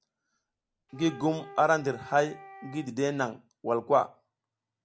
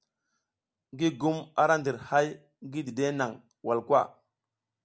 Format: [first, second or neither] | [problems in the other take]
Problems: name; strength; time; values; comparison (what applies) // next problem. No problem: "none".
second | background sound (Wind instrument, woodwind instrument); 18 dB below the speech